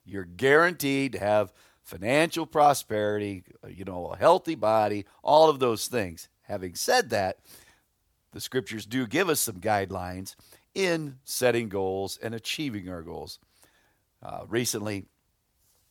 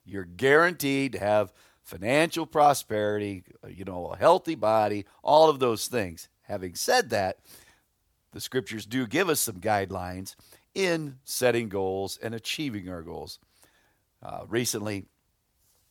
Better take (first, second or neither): neither